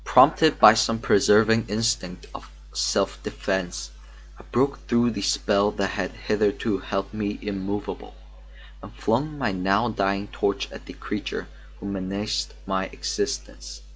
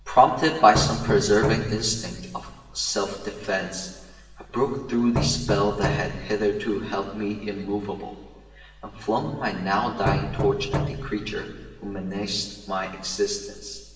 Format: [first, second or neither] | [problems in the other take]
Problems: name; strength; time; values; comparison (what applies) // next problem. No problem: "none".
first | background sound (Knock); 5 dB below the speech // room echo; dies away in 1.2 s